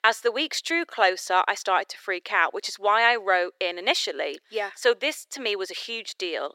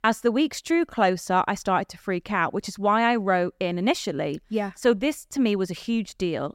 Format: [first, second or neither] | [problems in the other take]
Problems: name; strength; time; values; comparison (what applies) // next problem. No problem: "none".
second | thin; very; fading below 400 Hz